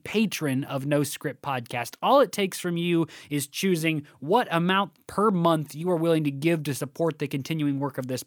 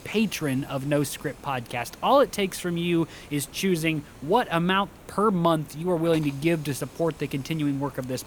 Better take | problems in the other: first | hiss; faint; throughout; 20 dB below the speech

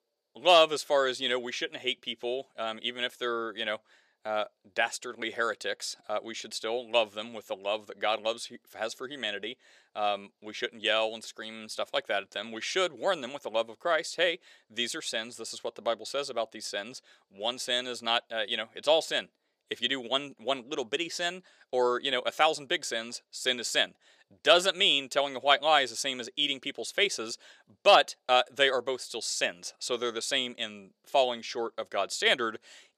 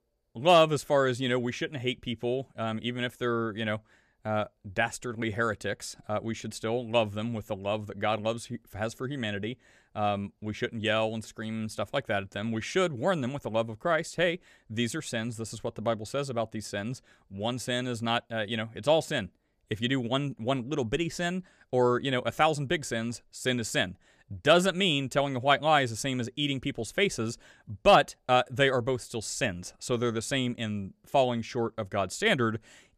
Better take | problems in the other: second | thin; somewhat; fading below 450 Hz

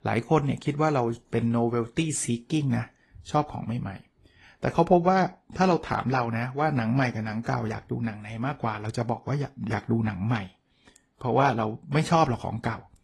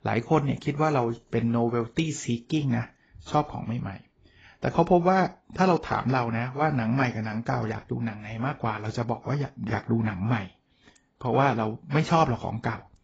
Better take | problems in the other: first | garbled, watery; badly; nothing above 7.5 kHz; slightly in the first

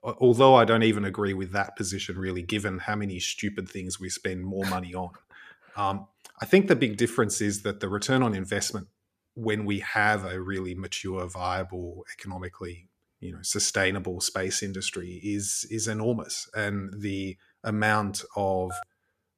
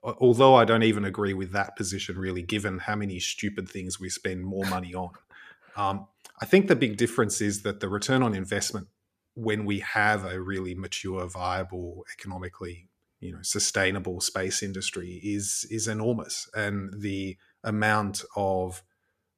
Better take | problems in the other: second | phone ringing; faint; at 19 s; peak 15 dB below the speech

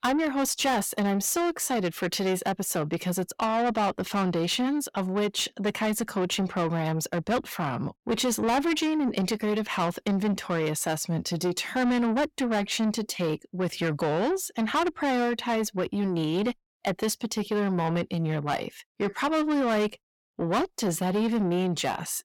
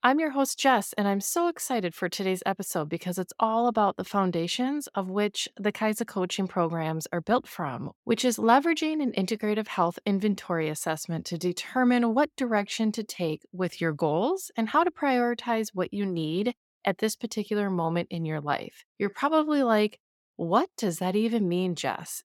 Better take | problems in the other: second | distortion; heavy; 8 dB below the speech

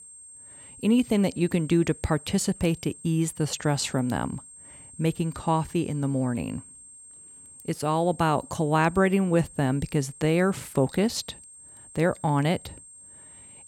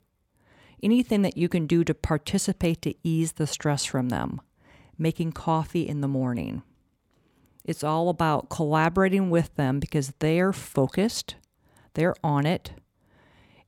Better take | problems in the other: second | high-pitched whine; noticeable; throughout; 8.5 kHz, 20 dB below the speech

